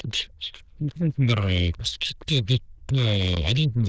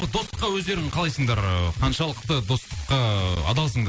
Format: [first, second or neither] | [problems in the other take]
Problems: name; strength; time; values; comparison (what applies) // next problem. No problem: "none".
second | noise reduction (neural diffusion model UNIVERSE++)